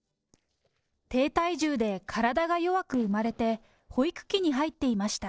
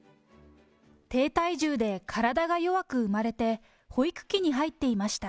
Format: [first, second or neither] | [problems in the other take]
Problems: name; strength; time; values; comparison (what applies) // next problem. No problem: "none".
second | noise reduction (neural separator model SepFormer DNS4)